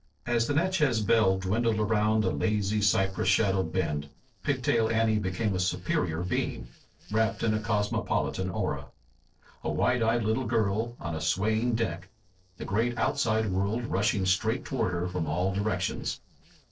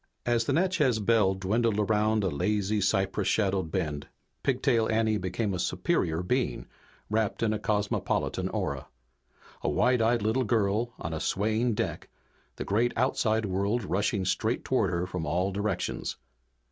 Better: second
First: noise reduction (neural separator model SepFormer DNS4)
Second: none

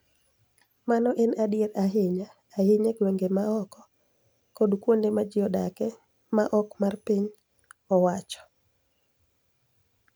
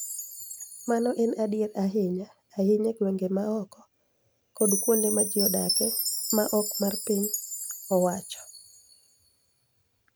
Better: first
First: none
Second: background sound (Chime); 5 dB below the speech

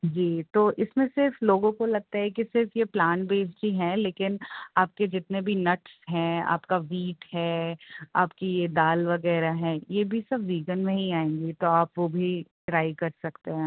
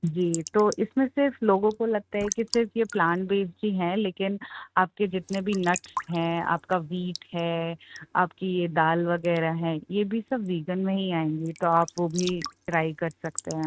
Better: first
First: none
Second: noise reduction (neural mask model RNNoise)

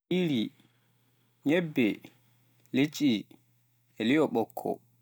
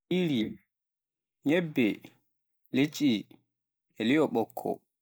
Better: first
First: none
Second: noise reduction (neural mask model Resemble Enhance denoiser)

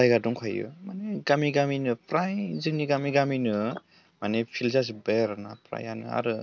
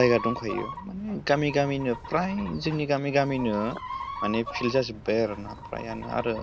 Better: first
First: none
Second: background sound (Chicken, rooster); 11 dB below the speech

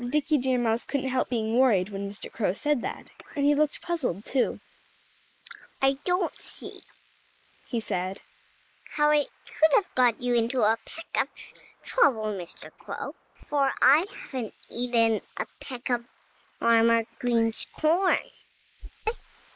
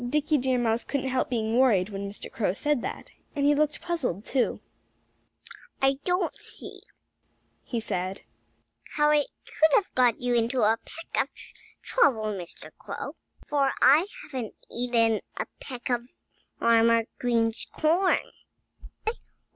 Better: second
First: noise reduction (neural mask model Resemble Enhance denoiser)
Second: none

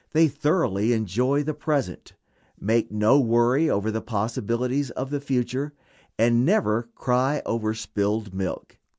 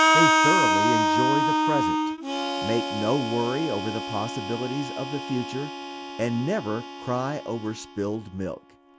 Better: first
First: none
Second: background sound (Harmonica); 3 dB above the speech

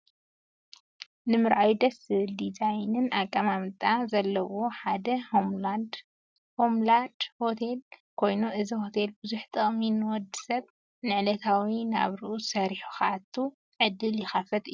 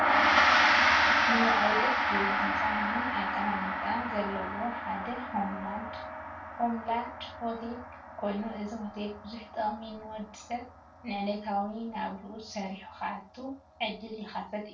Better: first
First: none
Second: background sound (Gong); 5 dB above the speech // room echo; dies away in 0.3 s

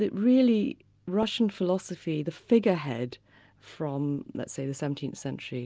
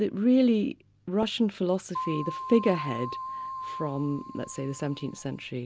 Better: first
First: none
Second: background sound (Keyboard (musical)); 10 dB below the speech

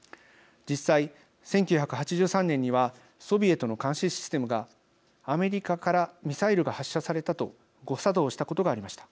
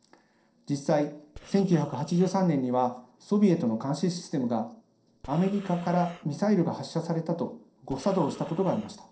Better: first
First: none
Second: noise reduction (neural separator model SepFormer DNS4)

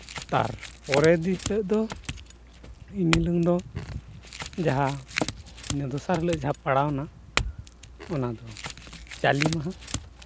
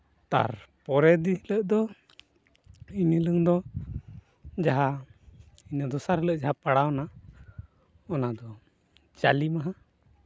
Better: second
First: background sound (Chink, clink / Domestic sounds, home sounds); 8 dB below the speech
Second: none

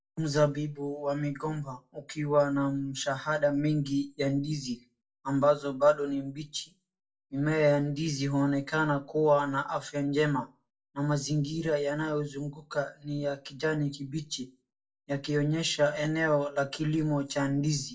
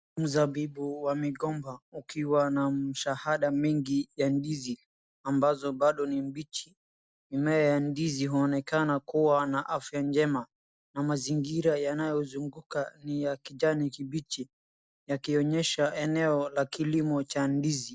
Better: second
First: room echo; dies away in 0.2 s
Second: none

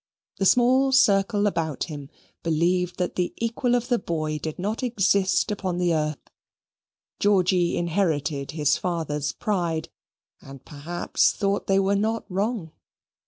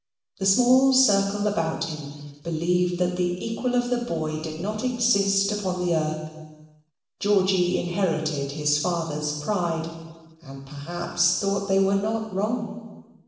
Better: first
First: none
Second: room echo; dies away in 1.2 s

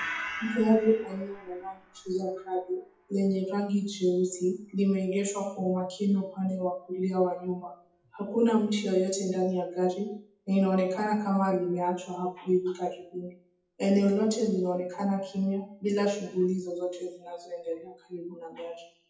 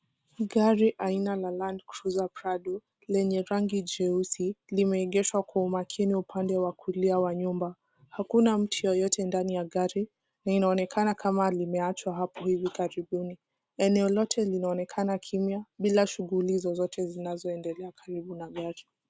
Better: second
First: noise reduction (classical method WPE with log-MMSE)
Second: none

